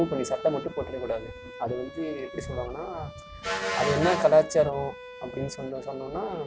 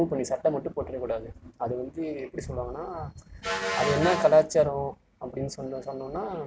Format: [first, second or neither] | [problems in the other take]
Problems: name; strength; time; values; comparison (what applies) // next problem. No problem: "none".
second | background sound (Bowed string instrument); 15 dB below the speech